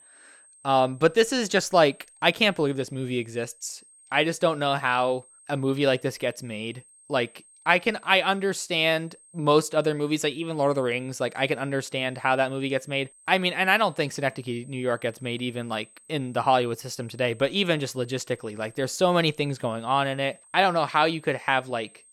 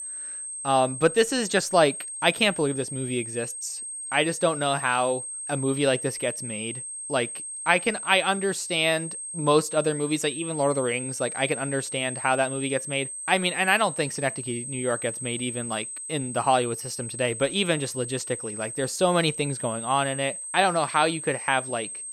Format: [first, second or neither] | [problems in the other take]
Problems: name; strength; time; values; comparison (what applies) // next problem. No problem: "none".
first | high-pitched whine; loud; throughout; 8.5 kHz, 7 dB below the speech; faint in the first